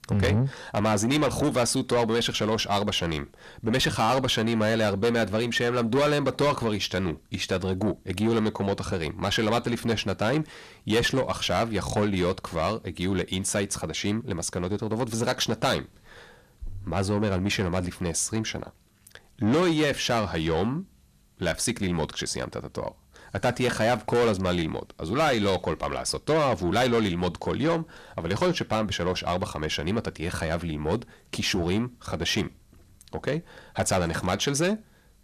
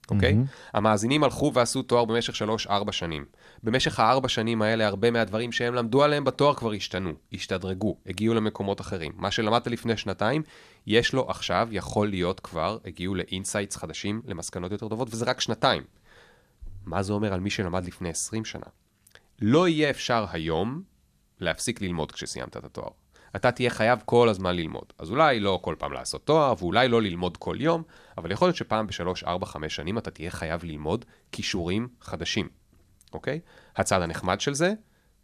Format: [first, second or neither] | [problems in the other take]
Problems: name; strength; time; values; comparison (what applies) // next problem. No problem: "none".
second | distortion; heavy; 8 dB below the speech